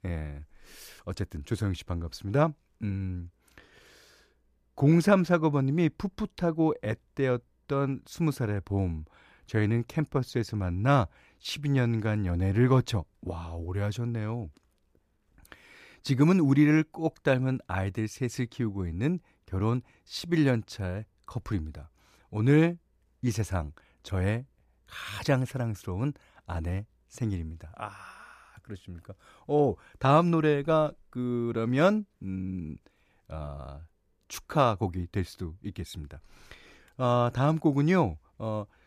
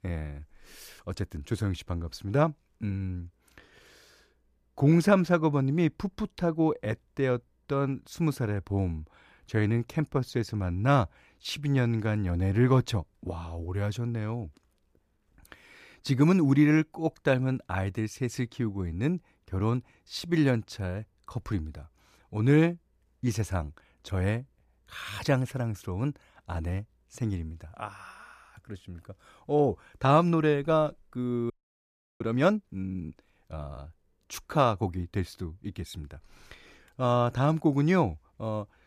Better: first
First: none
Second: audio freezing; at 32 s for 0.5 s

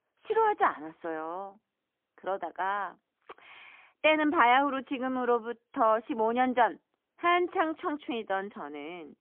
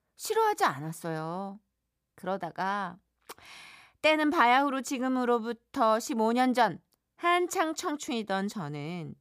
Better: second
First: phone-call audio; poor line; nothing above 3 kHz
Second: none

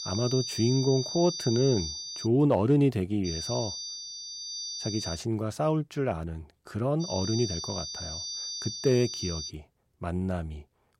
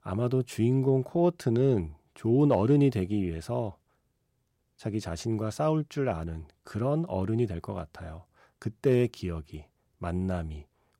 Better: second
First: high-pitched whine; loud; until 2.5 s, from 3.5 to 5 s and from 7 to 9.5 s; 4.5 kHz, 6 dB below the speech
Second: none

